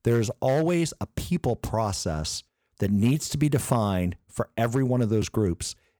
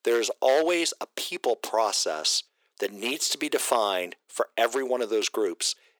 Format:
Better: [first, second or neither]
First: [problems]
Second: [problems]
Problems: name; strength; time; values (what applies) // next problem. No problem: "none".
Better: first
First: none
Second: thin; very; fading below 350 Hz